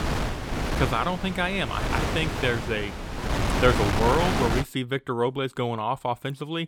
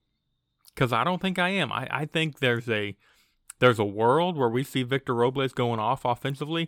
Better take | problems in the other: second | wind noise on the microphone; heavy; until 4.5 s; 3 dB below the speech

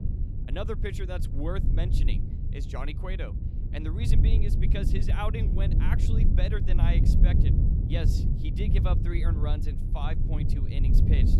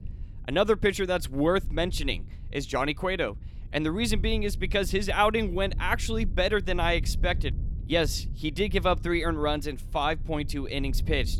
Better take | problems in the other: second | low rumble; loud; throughout; 3 dB below the speech; faint in the second

